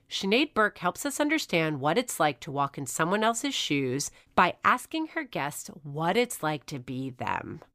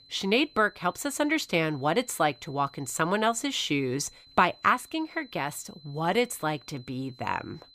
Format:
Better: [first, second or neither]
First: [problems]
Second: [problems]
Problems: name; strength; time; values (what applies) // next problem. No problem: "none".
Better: first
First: none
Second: high-pitched whine; faint; throughout; 4 kHz, 25 dB below the speech